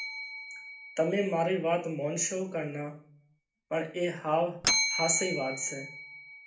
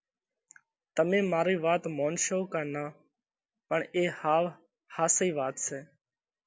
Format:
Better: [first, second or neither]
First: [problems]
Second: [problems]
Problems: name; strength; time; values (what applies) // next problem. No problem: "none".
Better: second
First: background sound (Bell); 5 dB below the speech // room echo; dies away in 0.4 s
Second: none